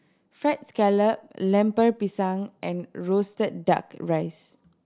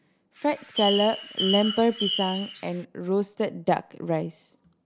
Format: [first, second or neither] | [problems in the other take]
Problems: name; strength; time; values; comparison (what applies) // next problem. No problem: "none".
first | background sound (Bird); 5 dB below the speech